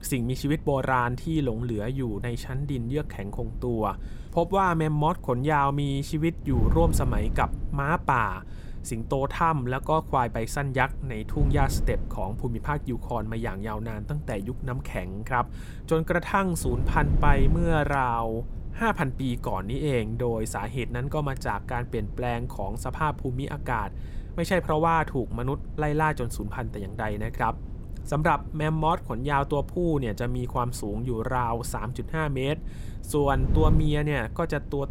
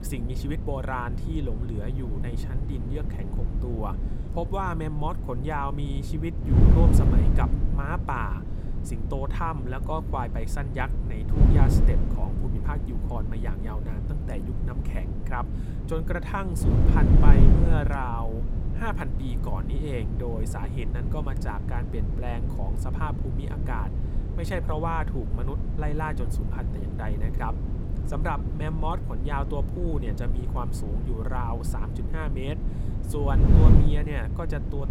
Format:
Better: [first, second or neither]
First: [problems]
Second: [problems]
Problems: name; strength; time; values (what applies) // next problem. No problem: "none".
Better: first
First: wind noise on the microphone; occasional gusts; 20 dB below the speech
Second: wind noise on the microphone; heavy; 4 dB below the speech